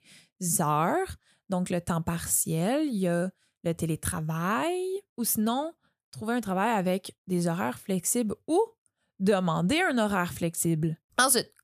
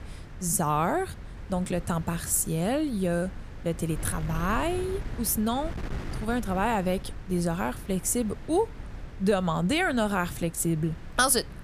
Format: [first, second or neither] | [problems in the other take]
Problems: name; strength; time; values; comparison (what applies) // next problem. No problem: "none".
first | wind noise on the microphone; occasional gusts; 20 dB below the speech